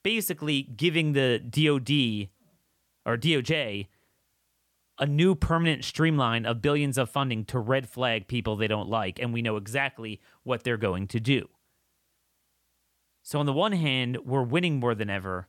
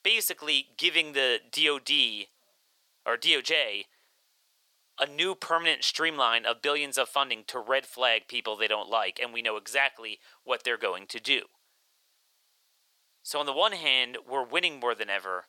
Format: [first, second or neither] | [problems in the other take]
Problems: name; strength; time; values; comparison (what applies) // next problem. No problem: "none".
first | thin; very; fading below 550 Hz